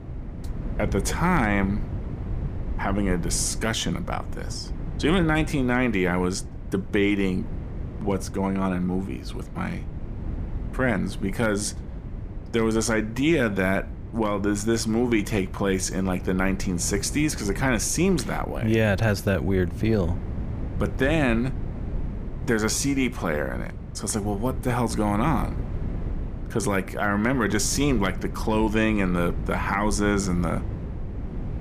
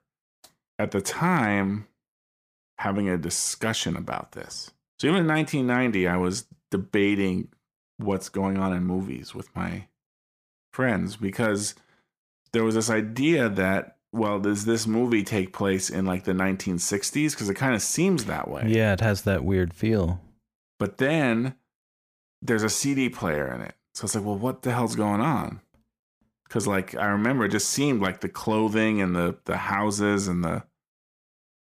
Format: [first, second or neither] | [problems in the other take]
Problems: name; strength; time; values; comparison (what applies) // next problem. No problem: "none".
second | wind noise on the microphone; occasional gusts; 15 dB below the speech